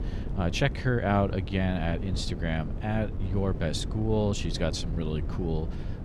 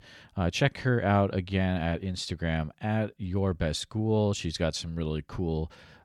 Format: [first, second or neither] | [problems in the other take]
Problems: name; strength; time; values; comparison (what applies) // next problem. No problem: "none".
second | wind noise on the microphone; occasional gusts; 15 dB below the speech